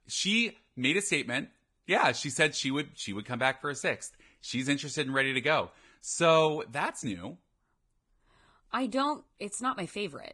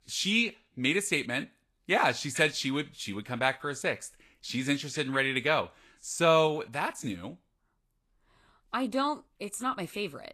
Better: second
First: garbled, watery; badly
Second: garbled, watery; slightly; nothing above 13 kHz

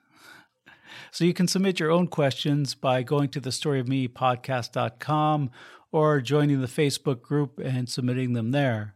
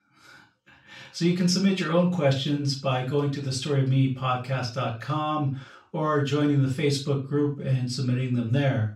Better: first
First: none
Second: room echo; slight; dies away in 0.3 s // off-mic speech; far

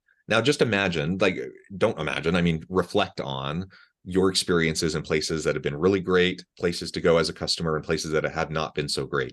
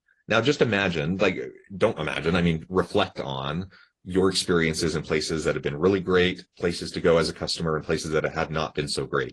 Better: first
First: none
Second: garbled, watery; slightly

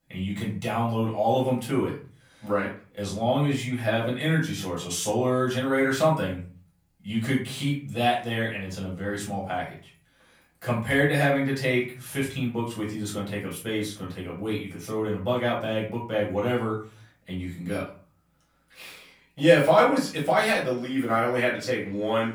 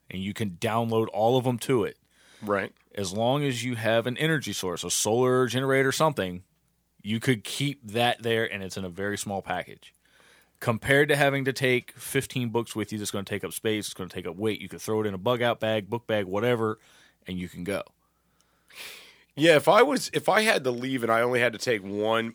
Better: second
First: off-mic speech; far // room echo; slight; dies away in 0.4 s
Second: none

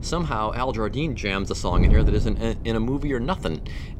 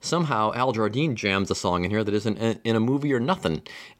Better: second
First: wind noise on the microphone; occasional gusts; 15 dB below the speech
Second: none

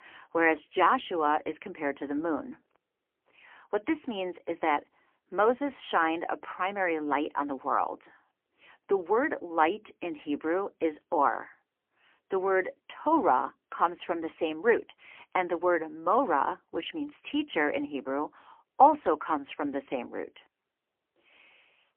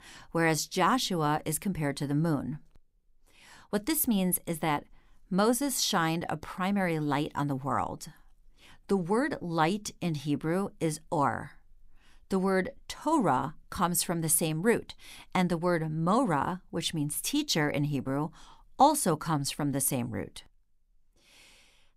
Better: second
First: phone-call audio; poor line; nothing above 3.5 kHz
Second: none

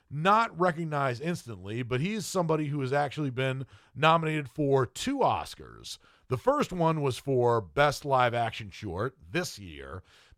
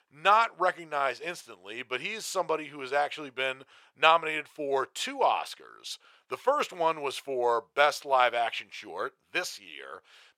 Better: first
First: none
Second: thin; very; fading below 600 Hz

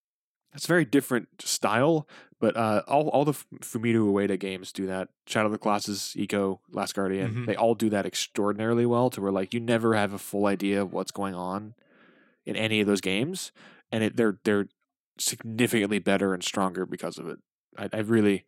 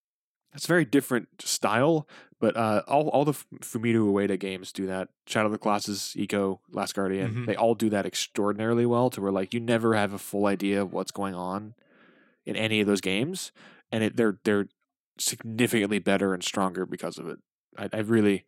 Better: neither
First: none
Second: none

